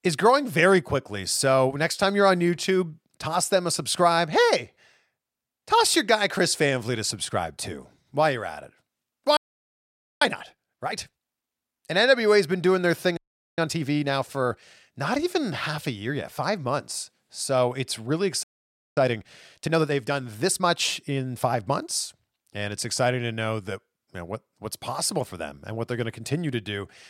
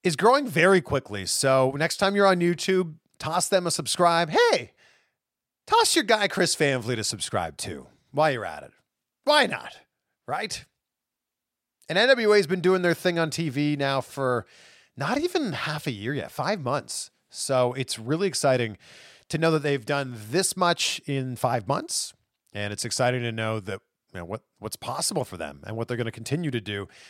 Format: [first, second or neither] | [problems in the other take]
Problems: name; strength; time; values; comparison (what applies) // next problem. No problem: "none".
second | audio freezing; at 9.5 s for 1 s, at 13 s and at 18 s for 0.5 s